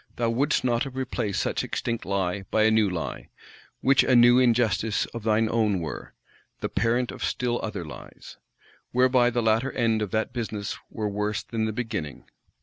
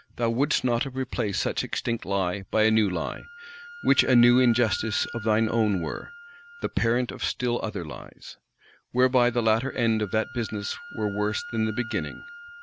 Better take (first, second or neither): first